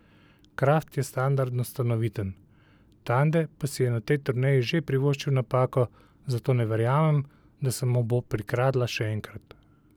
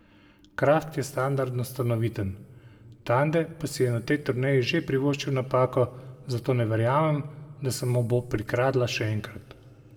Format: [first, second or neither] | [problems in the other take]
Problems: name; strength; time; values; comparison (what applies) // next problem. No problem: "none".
first | room echo; dies away in 1.6 s